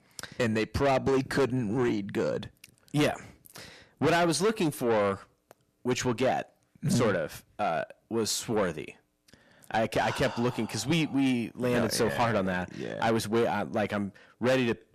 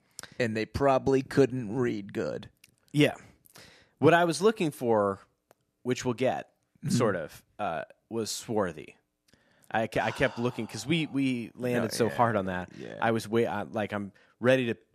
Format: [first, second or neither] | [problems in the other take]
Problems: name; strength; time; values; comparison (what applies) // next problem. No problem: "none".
second | distortion; heavy; 7 dB below the speech